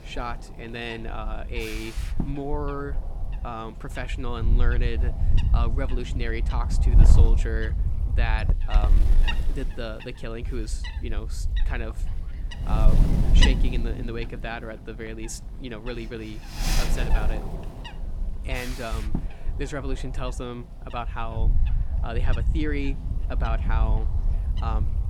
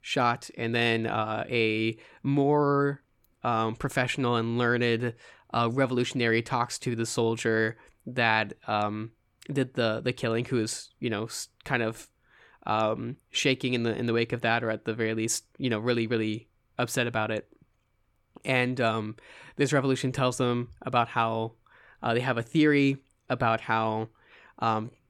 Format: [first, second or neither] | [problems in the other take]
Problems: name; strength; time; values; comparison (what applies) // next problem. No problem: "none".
second | wind noise on the microphone; heavy; 4 dB below the speech